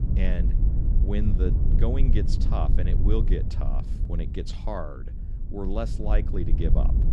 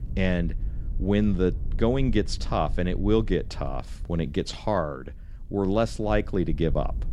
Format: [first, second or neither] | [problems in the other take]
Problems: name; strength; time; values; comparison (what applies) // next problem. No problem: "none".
second | low rumble; loud; throughout; 6 dB below the speech; faint in the second